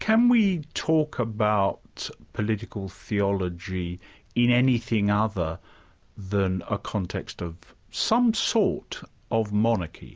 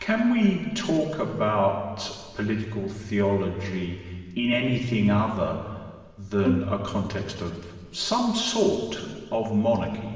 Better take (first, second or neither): first